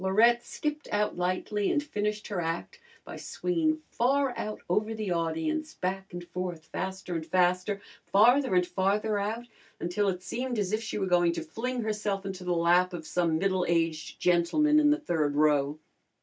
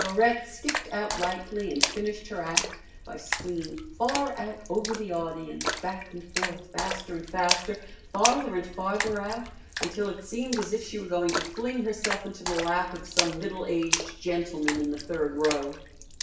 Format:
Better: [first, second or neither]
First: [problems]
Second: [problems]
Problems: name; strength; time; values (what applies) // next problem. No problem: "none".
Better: first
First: none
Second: background sound (Splash, splatter); 4 dB below the speech // room echo; dies away in 0.7 s